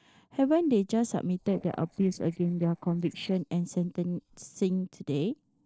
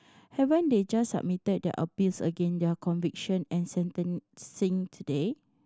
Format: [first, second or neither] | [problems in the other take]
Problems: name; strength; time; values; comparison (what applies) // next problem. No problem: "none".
second | noise reduction (neural separator model SepFormer DNS4)